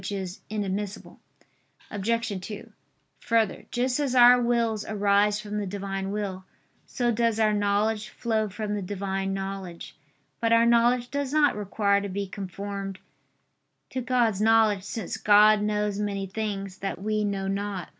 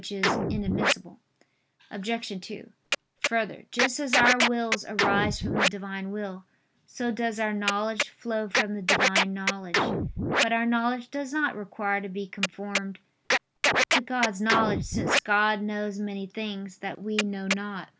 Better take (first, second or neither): first